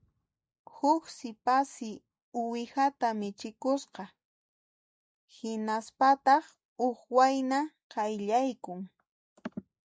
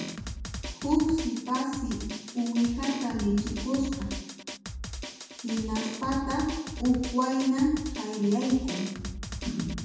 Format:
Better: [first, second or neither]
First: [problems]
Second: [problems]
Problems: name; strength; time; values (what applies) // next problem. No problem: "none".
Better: first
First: none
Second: background sound (Drum); 8 dB below the speech // room echo; dies away in 1.1 s